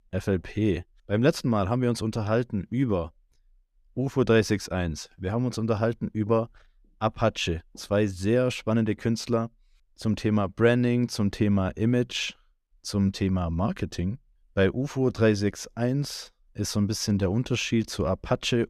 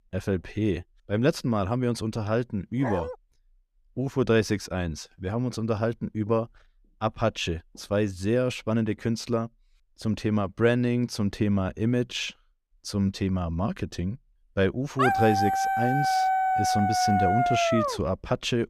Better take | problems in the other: first | dog barking; noticeable; at 3 s; peak 6 dB below the speech // dog barking; loud; from 15 to 18 s; peak 4 dB above the speech

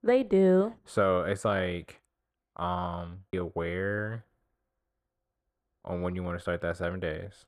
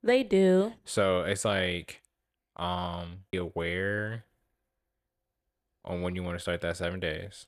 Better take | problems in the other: second | muffled; slightly; fading above 1.5 kHz

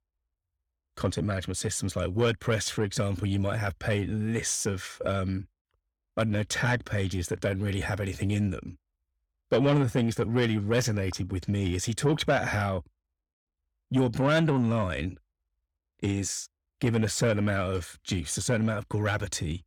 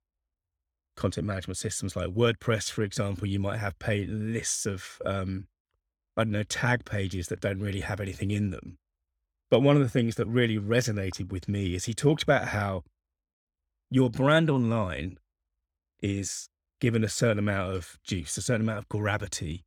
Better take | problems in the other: second | distortion; slight; 10 dB below the speech

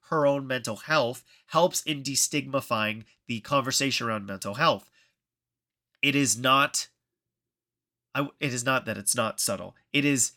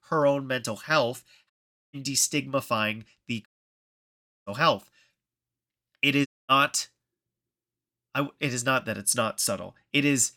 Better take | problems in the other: first | audio cutting out; at 1.5 s, at 3.5 s for 1 s and at 6.5 s

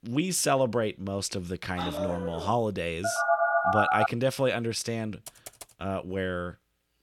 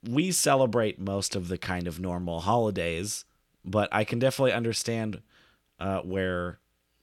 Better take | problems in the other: second | dog barking; noticeable; at 2 s; peak 3 dB below the speech // phone ringing; loud; from 3 to 4 s; peak 6 dB above the speech // keyboard typing; faint; at 5.5 s; peak 15 dB below the speech

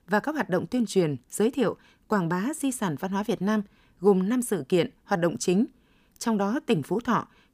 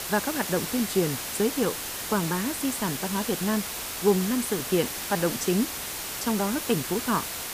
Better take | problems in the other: first | hiss; loud; throughout; 3 dB below the speech

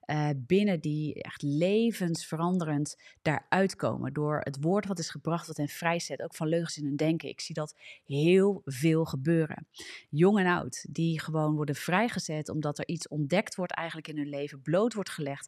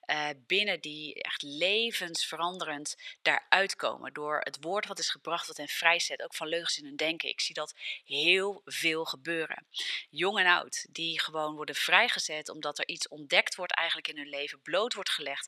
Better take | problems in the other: first | thin; very; fading below 600 Hz

